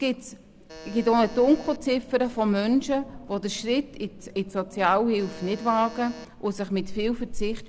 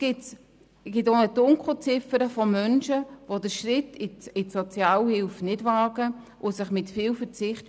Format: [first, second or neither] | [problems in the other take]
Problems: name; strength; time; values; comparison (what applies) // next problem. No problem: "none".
second | background sound (Wind + Alarm); 13 dB below the speech